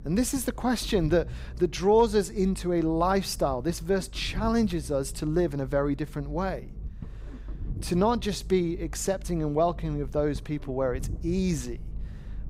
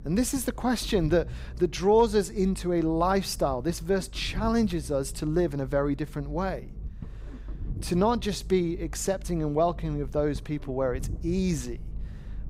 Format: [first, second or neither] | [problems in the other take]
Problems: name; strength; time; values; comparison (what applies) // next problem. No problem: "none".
neither | low rumble; faint; throughout; 25 dB below the speech; the same in both